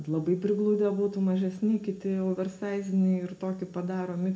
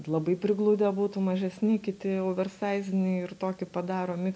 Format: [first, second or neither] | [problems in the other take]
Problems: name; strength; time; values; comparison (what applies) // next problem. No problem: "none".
second | room echo; dies away in 0.3 s